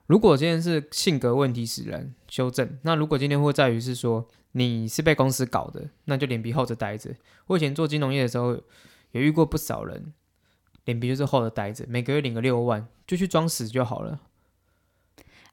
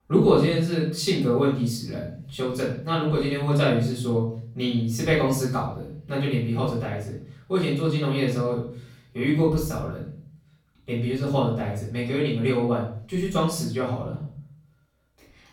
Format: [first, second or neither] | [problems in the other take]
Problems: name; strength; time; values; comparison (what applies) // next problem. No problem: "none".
first | off-mic speech; far // room echo; noticeable; dies away in 0.6 s